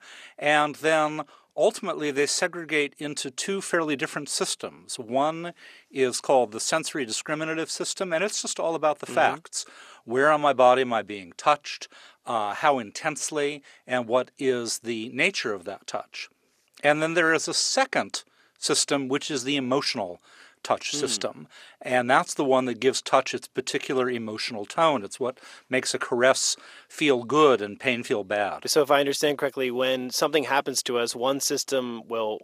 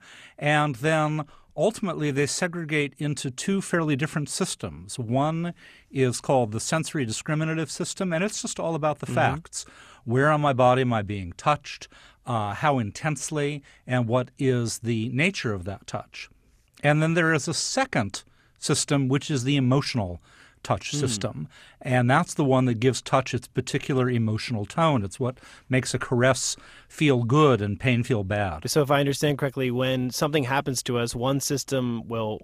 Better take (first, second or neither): second